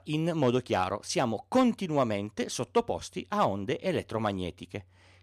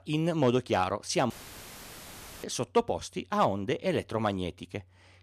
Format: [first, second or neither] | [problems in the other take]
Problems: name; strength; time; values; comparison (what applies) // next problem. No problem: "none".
first | audio cutting out; filled with static; at 1.5 s for 1 s